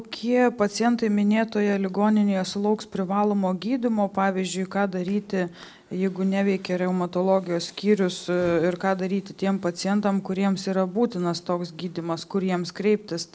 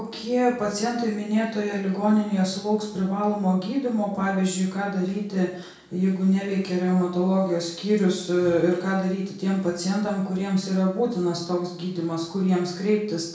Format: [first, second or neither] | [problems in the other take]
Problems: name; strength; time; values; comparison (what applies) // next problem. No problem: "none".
first | room echo; dies away in 0.5 s